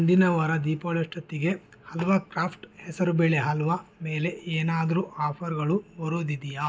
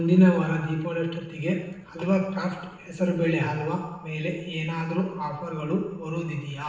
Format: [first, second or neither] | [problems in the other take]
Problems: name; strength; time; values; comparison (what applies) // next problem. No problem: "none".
first | room echo; dies away in 0.9 s